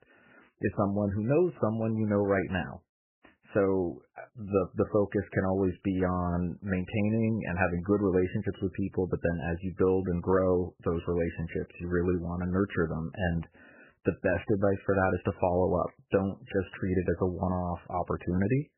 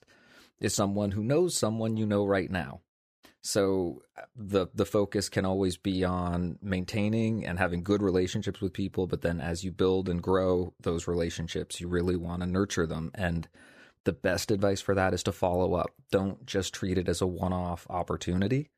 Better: second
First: garbled, watery; badly; nothing above 3 kHz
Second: none

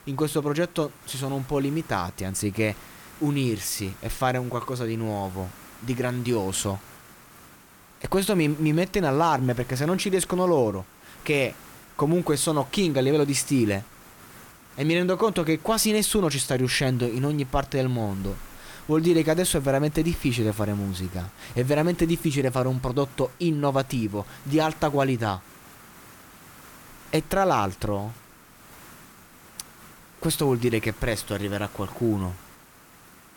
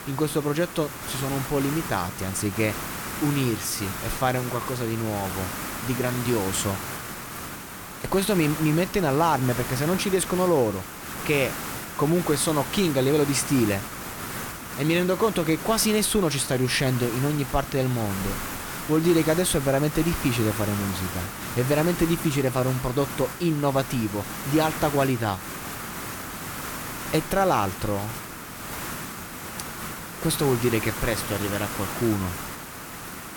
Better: first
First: hiss; faint; throughout; 20 dB below the speech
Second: hiss; loud; throughout; 8 dB below the speech

